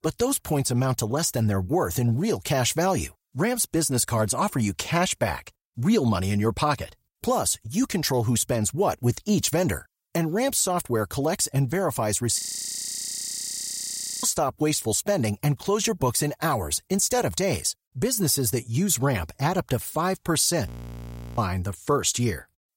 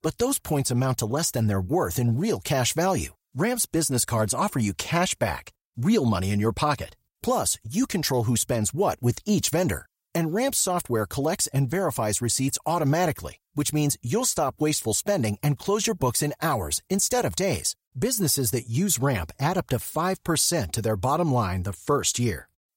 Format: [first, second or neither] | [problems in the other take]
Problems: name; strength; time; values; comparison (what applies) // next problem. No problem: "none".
second | audio freezing; at 12 s for 2 s and at 21 s for 0.5 s